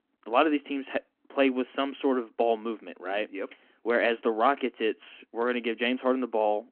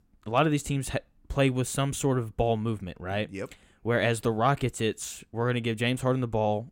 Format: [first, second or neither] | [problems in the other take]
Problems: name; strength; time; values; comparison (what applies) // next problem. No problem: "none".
second | phone-call audio